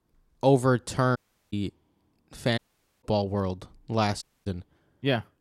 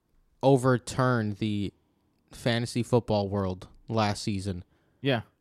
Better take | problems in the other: second | audio cutting out; at 1 s, at 2.5 s and at 4 s

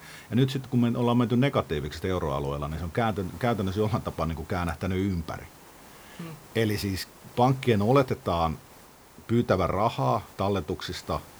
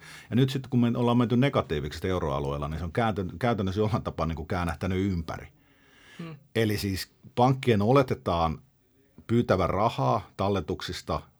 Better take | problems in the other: second | hiss; faint; throughout; 20 dB below the speech

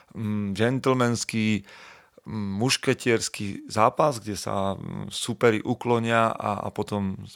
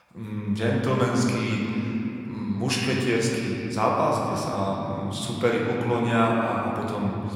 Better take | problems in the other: first | room echo; noticeable; dies away in 3 s // off-mic speech; somewhat distant

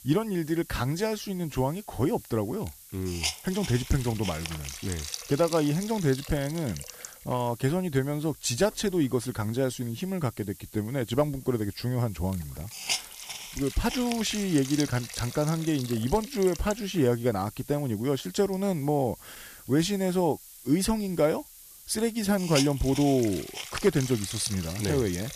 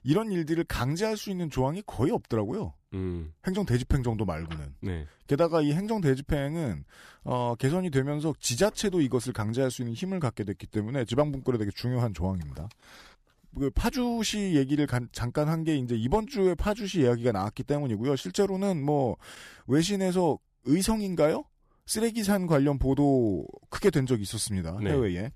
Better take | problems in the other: second | hiss; noticeable; throughout; 10 dB below the speech

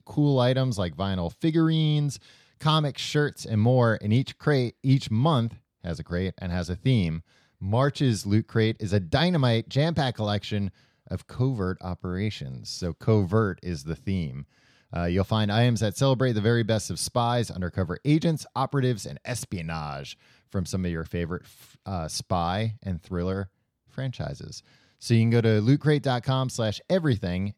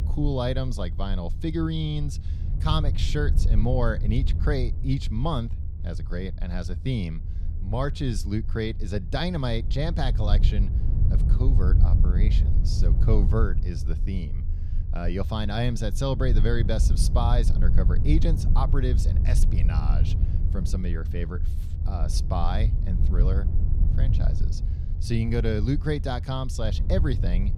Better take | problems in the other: first | low rumble; noticeable; throughout; 10 dB below the speech

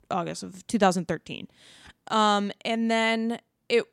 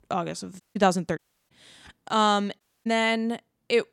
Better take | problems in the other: first | audio cutting out; at 0.5 s, at 1 s and at 2.5 s

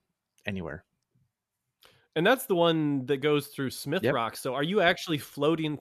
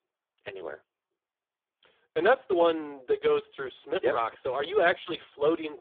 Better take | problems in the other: first | phone-call audio; poor line

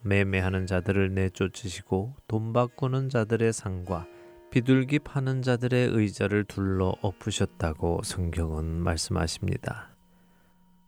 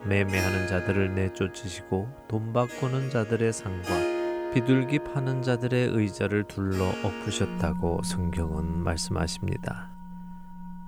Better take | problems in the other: first | background music; loud; throughout; 6 dB below the speech; faint in the first

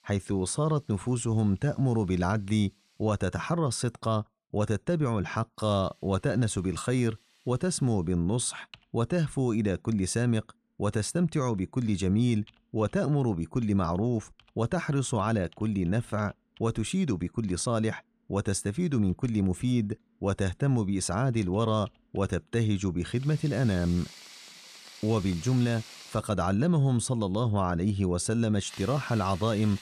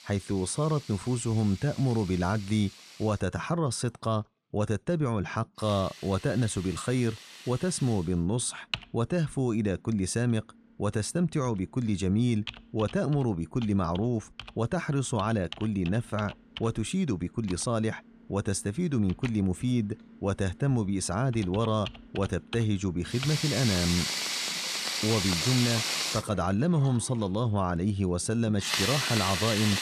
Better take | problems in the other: first | household noises; loud; throughout; 4 dB below the speech; faint in the first

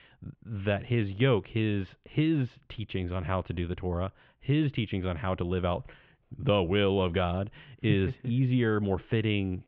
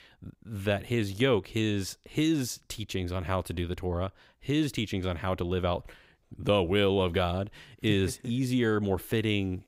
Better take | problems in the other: second | muffled; very; fading above 3 kHz

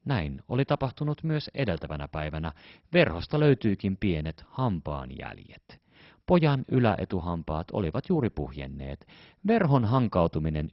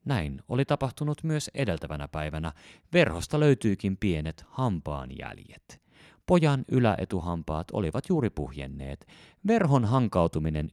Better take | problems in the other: second | garbled, watery; badly; nothing above 5.5 kHz

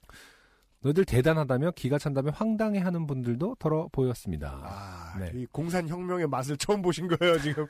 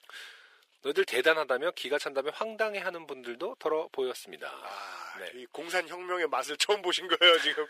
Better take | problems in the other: first | thin; very; fading below 400 Hz

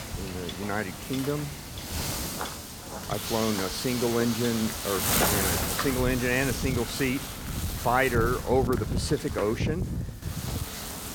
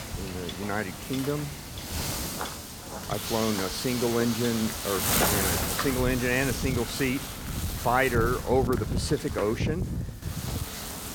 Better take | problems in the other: neither | wind noise on the microphone; heavy; 3 dB below the speech; the same in both

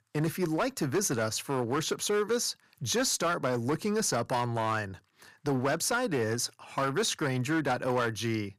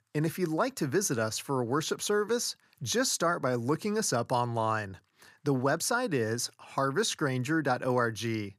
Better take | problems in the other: second | distortion; slight; 8% of the sound clipped

